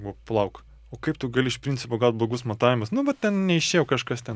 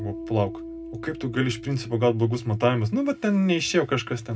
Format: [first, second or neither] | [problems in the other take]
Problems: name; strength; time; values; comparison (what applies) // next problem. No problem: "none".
first | background sound (Piano); 15 dB below the speech // room echo; dies away in 0.2 s